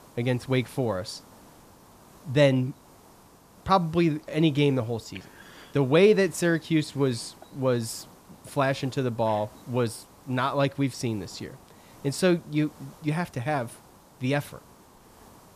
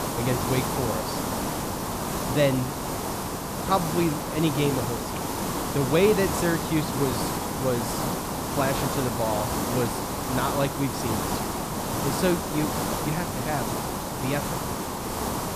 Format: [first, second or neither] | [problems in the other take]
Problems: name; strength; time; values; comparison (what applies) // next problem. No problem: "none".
first | hiss; loud; throughout; 1 dB below the speech; faint in the first